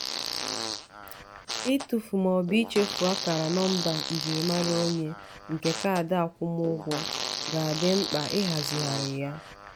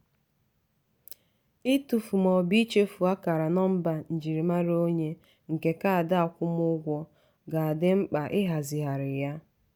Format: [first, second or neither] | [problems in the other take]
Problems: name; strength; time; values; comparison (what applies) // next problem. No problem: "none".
second | background sound (Fart); 6 dB below the speech